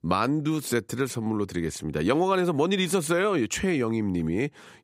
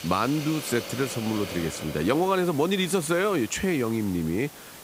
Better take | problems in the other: first | hiss; noticeable; throughout; 10 dB below the speech

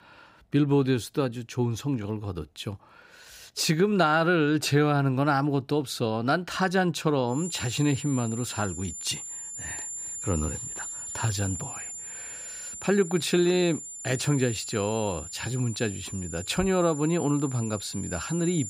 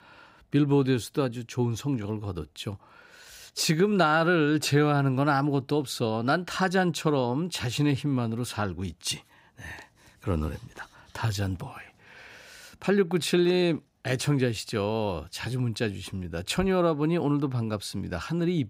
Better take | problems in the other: second | high-pitched whine; loud; from 7.5 s on; 7 kHz, 9 dB below the speech

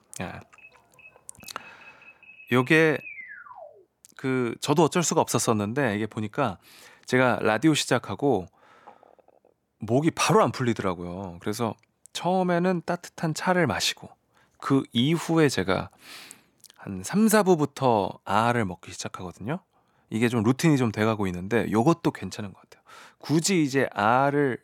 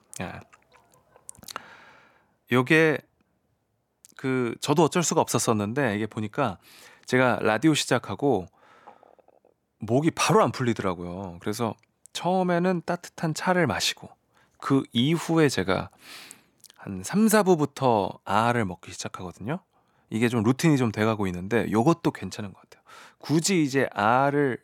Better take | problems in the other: second | alarm; faint; from 0.5 to 4 s; peak 15 dB below the speech

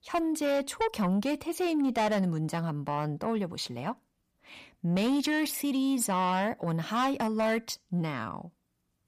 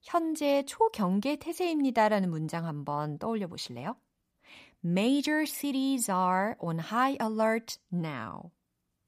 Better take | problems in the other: second | distortion; slight; 10 dB below the speech

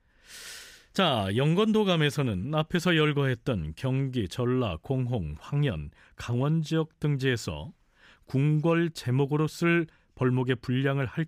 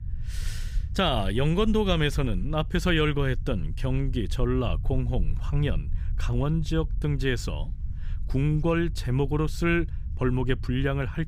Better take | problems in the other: first | low rumble; faint; throughout; 20 dB below the speech

